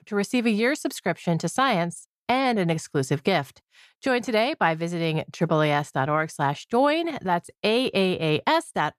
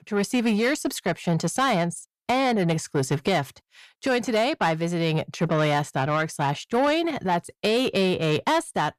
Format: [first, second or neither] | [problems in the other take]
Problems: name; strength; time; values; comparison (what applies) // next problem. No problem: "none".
first | distortion; slight; 10 dB below the speech